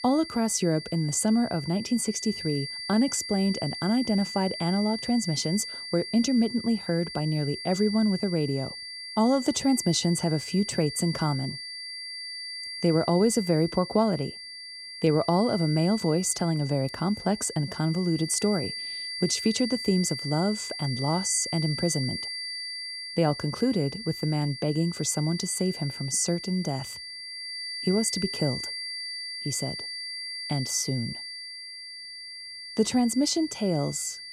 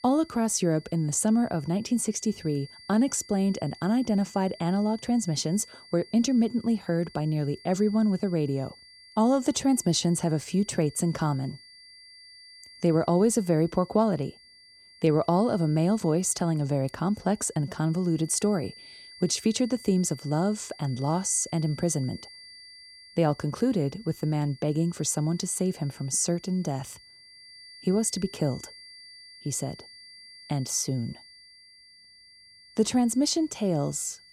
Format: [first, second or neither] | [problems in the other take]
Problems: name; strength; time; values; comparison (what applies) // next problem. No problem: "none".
second | high-pitched whine; loud; throughout; 4.5 kHz, 8 dB below the speech; faint in the second